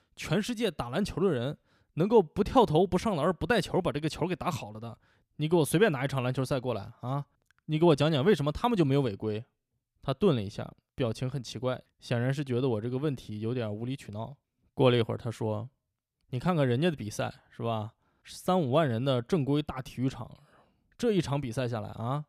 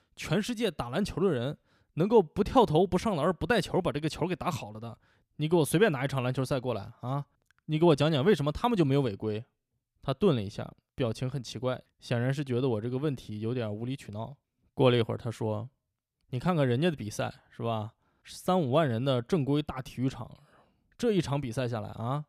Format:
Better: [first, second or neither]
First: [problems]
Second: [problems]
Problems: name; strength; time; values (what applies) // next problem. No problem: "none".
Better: neither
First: none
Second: none